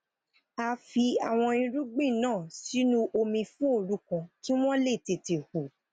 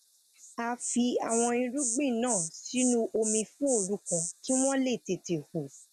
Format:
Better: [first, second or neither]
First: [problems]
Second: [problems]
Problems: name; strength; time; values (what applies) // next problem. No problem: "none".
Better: first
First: none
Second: background sound (Insect); 7 dB below the speech